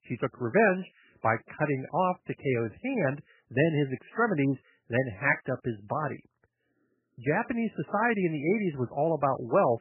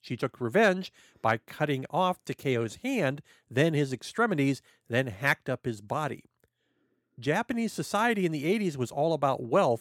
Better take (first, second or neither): second